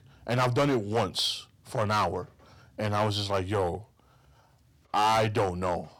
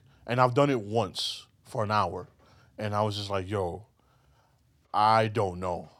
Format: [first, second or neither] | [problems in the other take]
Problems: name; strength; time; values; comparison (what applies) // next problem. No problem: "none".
second | distortion; heavy; 7% of the sound clipped